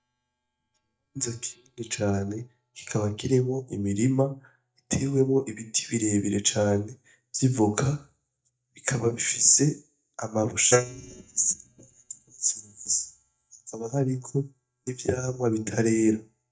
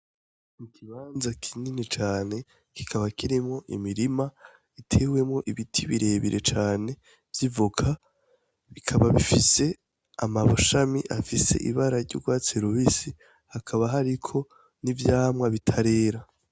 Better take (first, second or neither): second